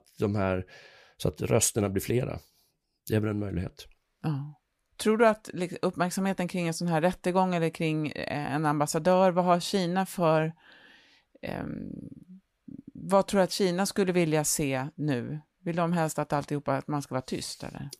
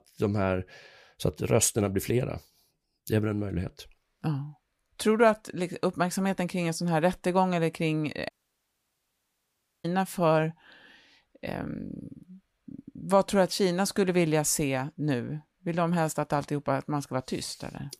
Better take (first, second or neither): first